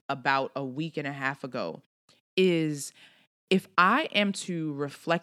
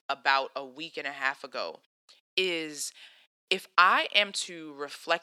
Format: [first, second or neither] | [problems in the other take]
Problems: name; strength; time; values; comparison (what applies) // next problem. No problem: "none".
first | thin; very; fading below 600 Hz